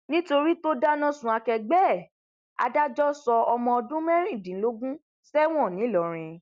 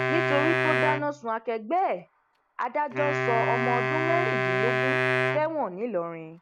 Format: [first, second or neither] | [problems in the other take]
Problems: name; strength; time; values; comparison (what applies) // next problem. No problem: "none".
first | background sound (Wind instrument, woodwind instrument); 1 dB above the speech